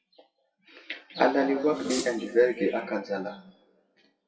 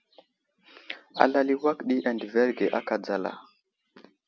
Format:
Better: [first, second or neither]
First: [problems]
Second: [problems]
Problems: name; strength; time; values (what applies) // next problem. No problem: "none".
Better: second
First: noise reduction (classical method WPE with log-MMSE)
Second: none